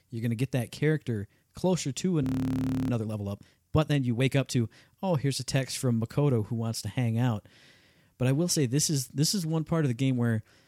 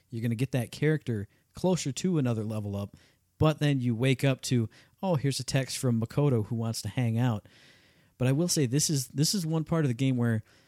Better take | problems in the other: second | audio freezing; at 2 s for 0.5 s

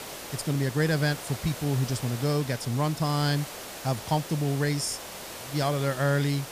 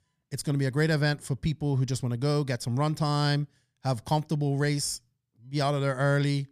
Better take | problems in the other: second | hiss; noticeable; throughout; 10 dB below the speech

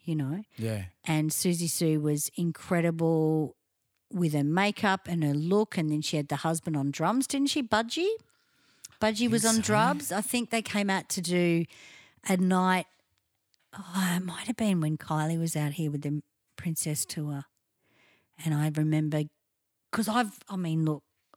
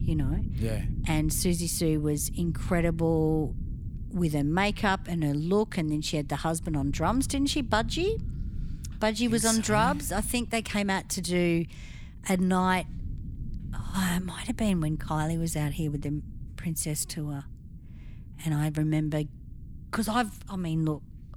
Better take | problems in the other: first | low rumble; faint; throughout; 20 dB below the speech

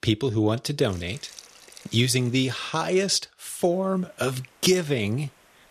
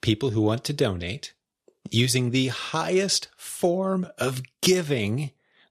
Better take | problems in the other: second | hiss; faint; from 1 to 2.5 s and from 3.5 s on; 25 dB below the speech

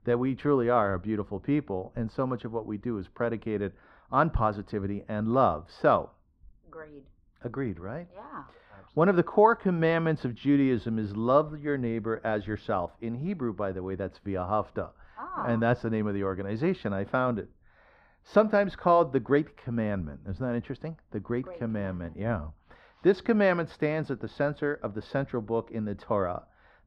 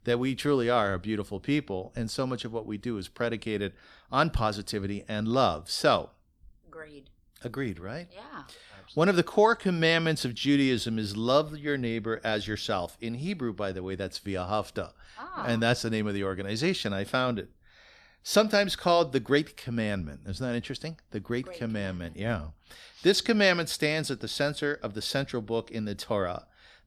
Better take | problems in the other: second | muffled; very; fading above 3.5 kHz

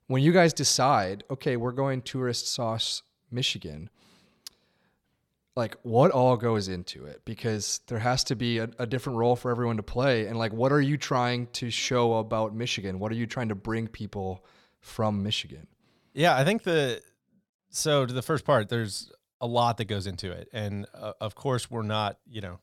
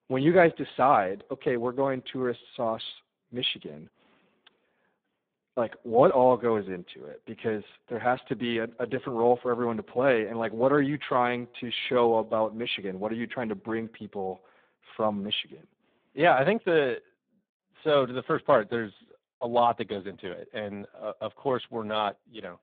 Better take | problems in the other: first | phone-call audio; poor line

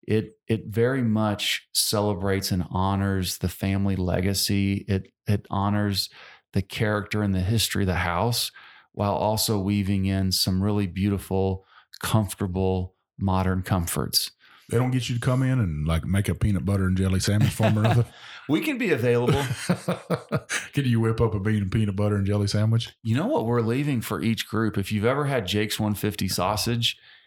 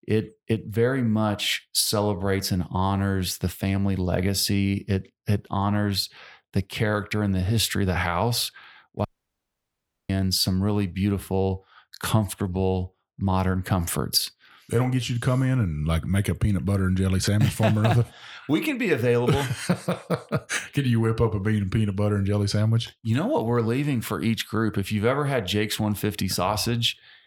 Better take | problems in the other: first | audio cutting out; at 9 s for 1 s

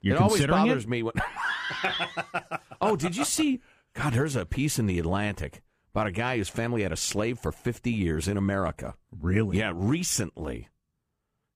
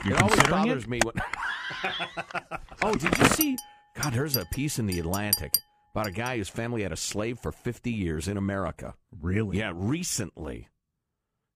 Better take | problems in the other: first | household noises; very loud; until 6 s; 3 dB above the speech

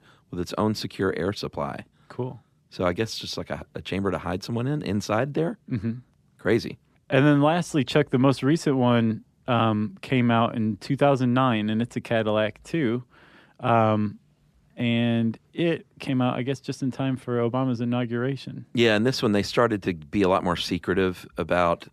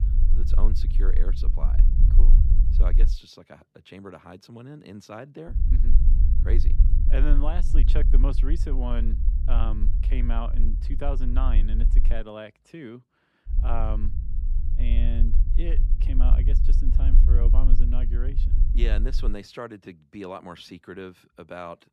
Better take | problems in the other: first | low rumble; loud; until 3 s, from 5.5 to 12 s and from 14 to 19 s; 7 dB below the speech

